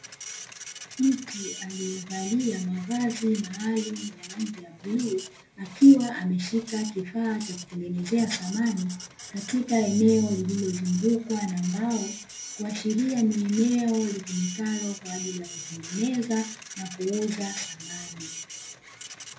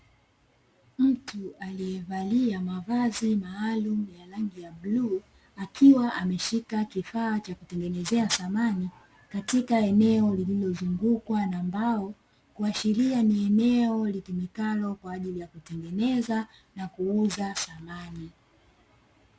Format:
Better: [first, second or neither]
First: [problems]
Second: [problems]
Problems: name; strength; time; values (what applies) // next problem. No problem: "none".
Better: second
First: background sound (Printer); 14 dB below the speech // room echo; dies away in 0.3 s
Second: none